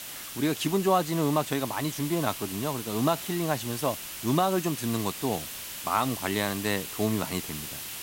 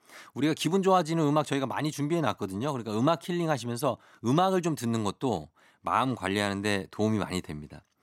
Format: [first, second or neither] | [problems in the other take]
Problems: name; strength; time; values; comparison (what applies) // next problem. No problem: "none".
second | hiss; loud; throughout; 7 dB below the speech